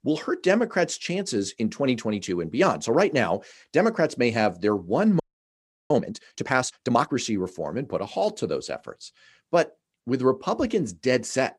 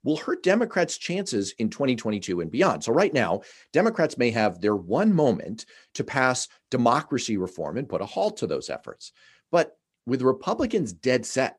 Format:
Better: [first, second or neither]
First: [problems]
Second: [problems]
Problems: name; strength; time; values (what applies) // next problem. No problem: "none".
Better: second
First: audio freezing; at 5 s for 0.5 s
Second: none